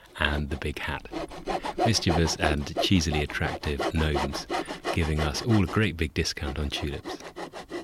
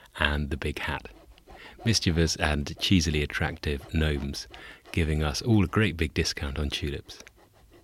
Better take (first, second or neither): second